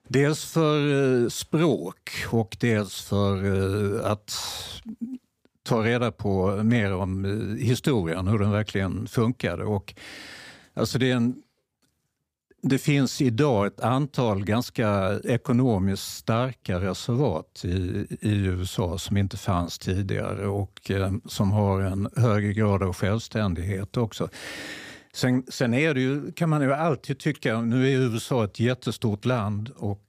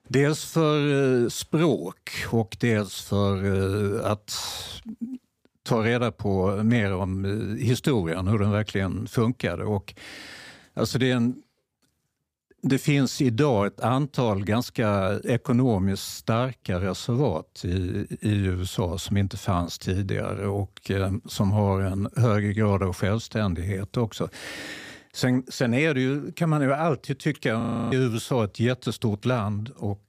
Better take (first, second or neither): first